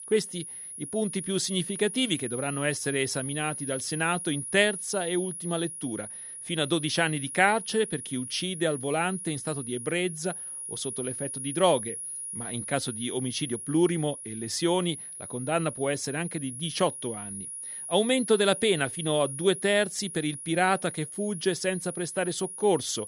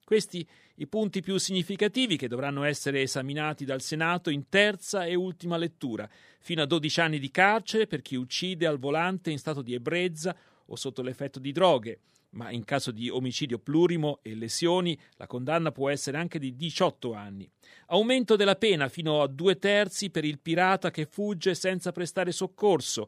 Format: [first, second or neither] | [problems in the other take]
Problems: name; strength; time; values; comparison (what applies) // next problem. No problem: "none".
second | high-pitched whine; loud; throughout; 10.5 kHz, 7 dB below the speech